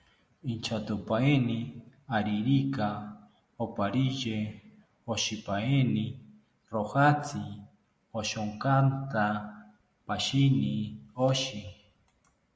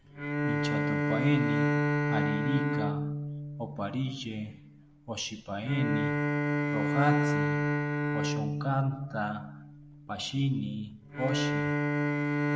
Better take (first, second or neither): first